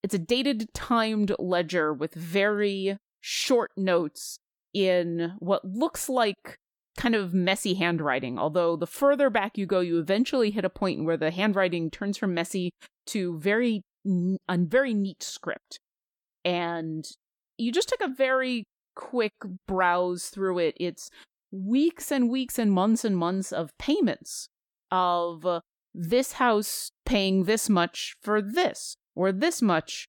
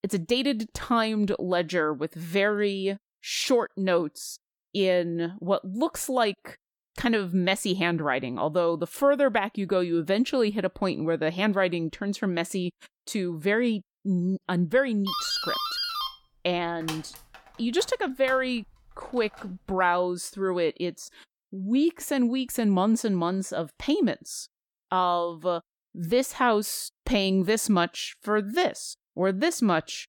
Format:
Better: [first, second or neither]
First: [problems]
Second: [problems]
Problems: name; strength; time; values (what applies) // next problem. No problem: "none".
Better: first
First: none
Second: doorbell; noticeable; from 15 to 19 s; peak 1 dB below the speech